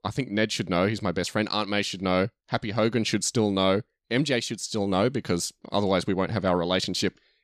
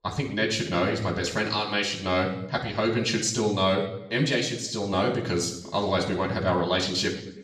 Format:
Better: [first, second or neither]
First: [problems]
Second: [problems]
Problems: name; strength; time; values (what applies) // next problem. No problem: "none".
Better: first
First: none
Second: room echo; noticeable; dies away in 0.7 s // off-mic speech; far